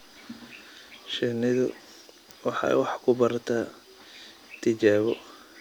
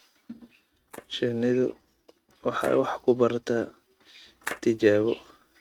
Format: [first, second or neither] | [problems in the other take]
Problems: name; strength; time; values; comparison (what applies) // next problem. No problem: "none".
first | noise reduction (neural mask model RNNoise)